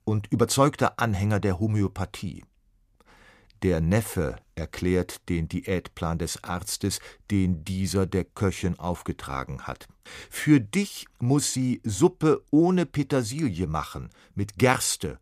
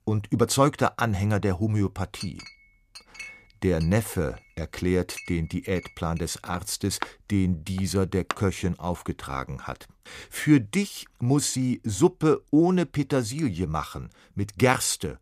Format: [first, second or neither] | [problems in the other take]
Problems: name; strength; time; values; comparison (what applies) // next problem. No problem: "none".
first | clattering dishes; noticeable; from 2 to 8.5 s; peak 9 dB below the speech